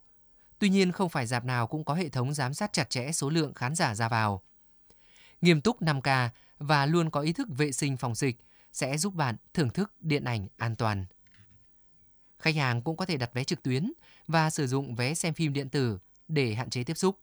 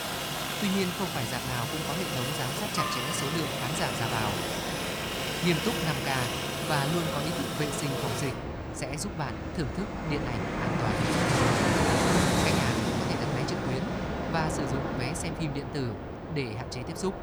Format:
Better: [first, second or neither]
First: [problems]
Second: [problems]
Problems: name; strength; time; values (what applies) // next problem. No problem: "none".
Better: first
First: none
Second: train or aircraft noise; very loud; throughout; 3 dB above the speech